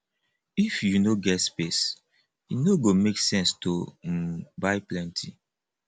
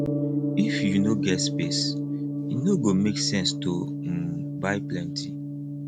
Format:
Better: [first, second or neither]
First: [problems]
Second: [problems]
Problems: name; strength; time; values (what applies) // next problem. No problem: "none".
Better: first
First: none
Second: background sound (Gong); 1 dB below the speech